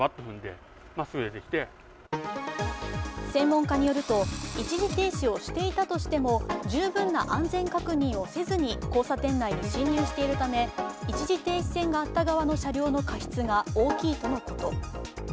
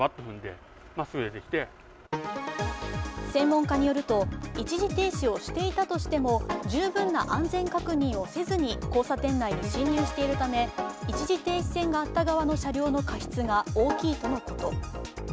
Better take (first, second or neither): second